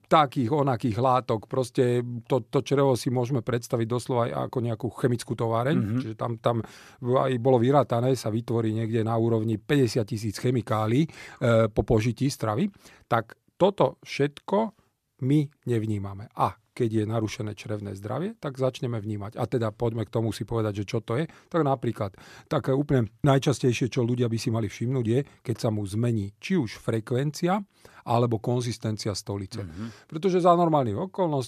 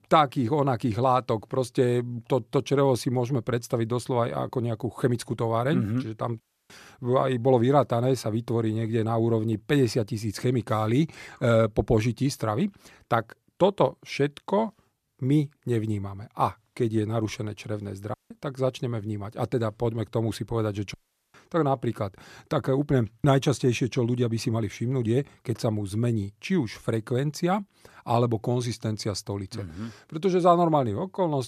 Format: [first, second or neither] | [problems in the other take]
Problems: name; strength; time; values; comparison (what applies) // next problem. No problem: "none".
first | audio cutting out; at 6.5 s, at 18 s and at 21 s